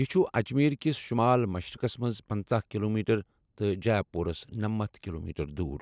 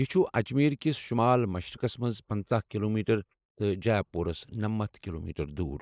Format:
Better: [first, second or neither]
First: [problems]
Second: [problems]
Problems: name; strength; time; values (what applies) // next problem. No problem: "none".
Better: first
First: none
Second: noise reduction (neural mask model Resemble Enhance denoiser)